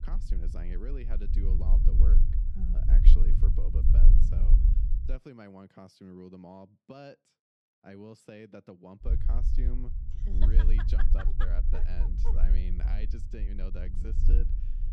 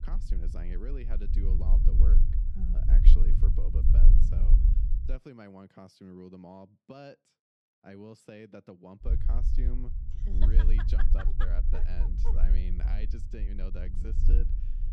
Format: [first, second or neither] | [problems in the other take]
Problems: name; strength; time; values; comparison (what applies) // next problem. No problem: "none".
neither | low rumble; loud; until 5 s and from 9 s on; 2 dB below the speech; the same in both